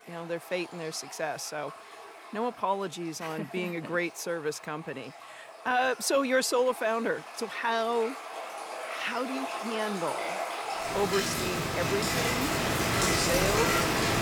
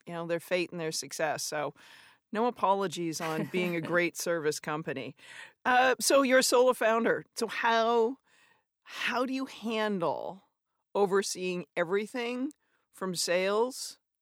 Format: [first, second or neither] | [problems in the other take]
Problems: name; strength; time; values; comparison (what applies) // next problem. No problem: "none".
second | rain or running water; very loud; throughout; 2 dB above the speech